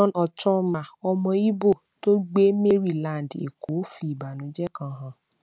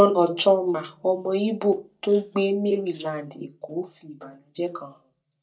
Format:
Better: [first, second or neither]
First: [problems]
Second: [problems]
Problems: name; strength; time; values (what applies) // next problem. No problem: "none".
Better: first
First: none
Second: noise reduction (neural mask model DeepFilterNet 3)